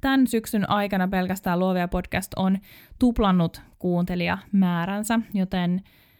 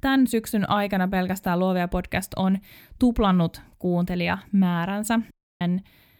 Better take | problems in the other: first | audio cutting out; at 5.5 s

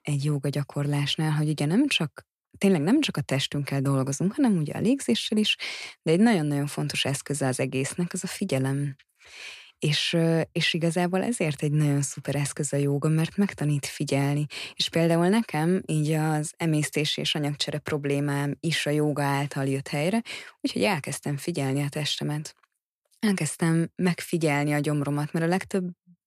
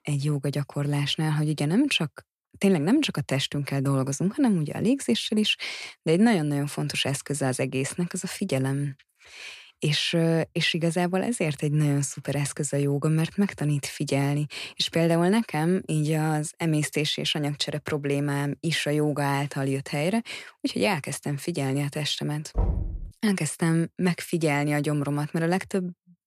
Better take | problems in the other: first | door banging; noticeable; at 23 s; peak 3 dB below the speech

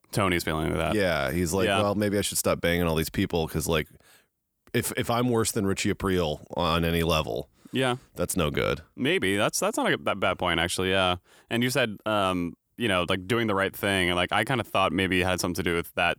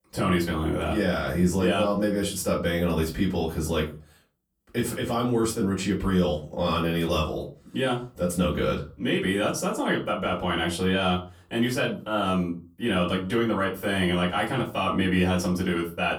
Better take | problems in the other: first | off-mic speech; far // room echo; slight; dies away in 0.3 s

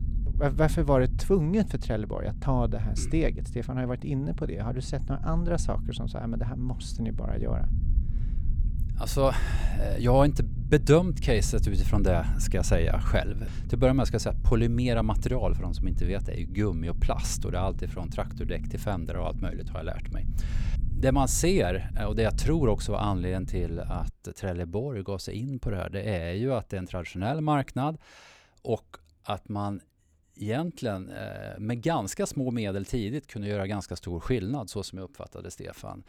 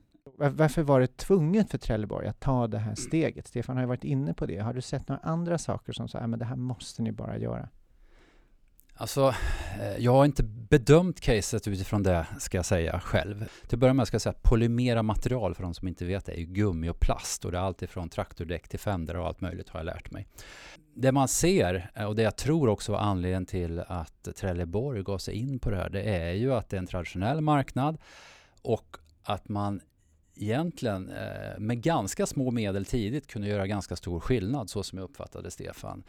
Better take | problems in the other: second | low rumble; noticeable; until 24 s; 20 dB below the speech

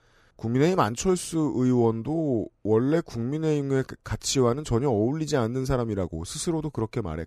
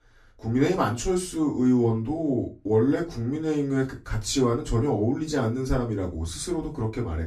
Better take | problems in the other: first | off-mic speech; far // room echo; very slight; dies away in 0.2 s

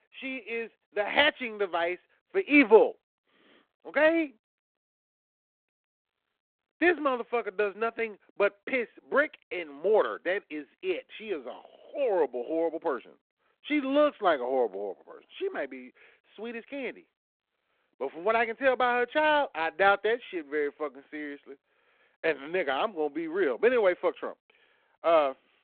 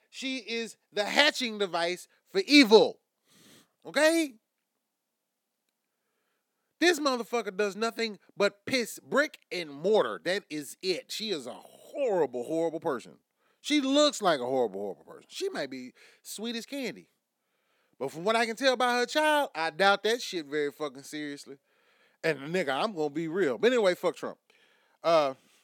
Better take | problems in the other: second | phone-call audio

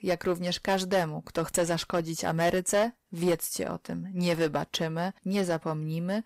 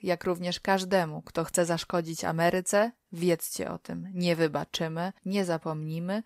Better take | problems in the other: second | distortion; slight; 6% of the sound clipped

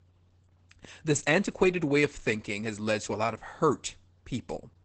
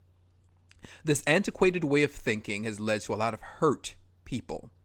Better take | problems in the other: second | garbled, watery; badly; nothing above 8 kHz; slightly in the second

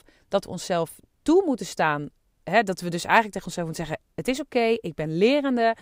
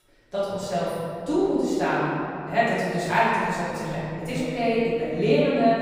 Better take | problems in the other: first | off-mic speech; far // room echo; strong; dies away in 2.5 s

